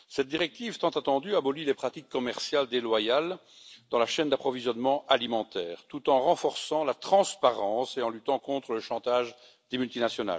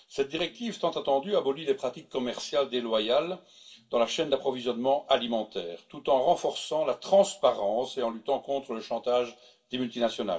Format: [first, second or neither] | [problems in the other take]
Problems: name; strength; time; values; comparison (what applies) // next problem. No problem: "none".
first | room echo; dies away in 0.2 s